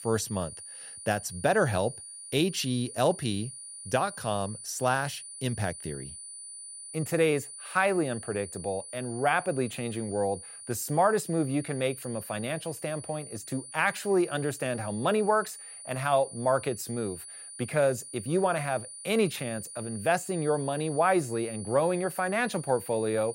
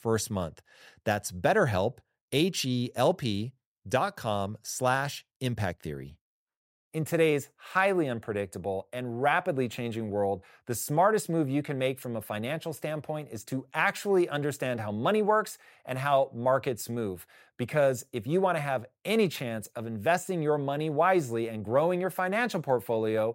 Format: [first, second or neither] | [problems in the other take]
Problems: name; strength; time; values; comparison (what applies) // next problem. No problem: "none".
second | high-pitched whine; noticeable; throughout; 9.5 kHz, 10 dB below the speech